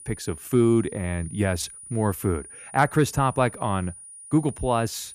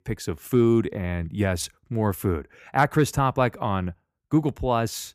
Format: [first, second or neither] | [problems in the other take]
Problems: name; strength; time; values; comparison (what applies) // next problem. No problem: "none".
second | high-pitched whine; noticeable; throughout; 9.5 kHz, 15 dB below the speech